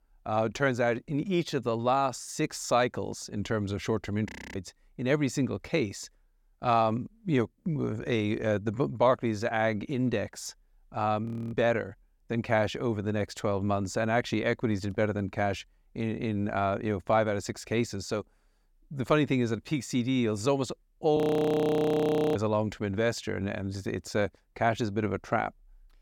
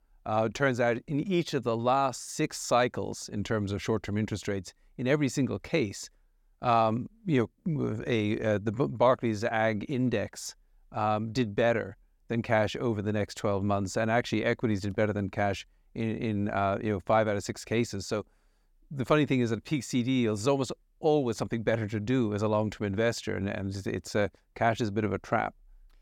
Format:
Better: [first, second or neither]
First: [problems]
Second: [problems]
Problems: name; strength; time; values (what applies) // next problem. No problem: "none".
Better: second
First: audio freezing; at 4.5 s, at 11 s and at 21 s for 1 s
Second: none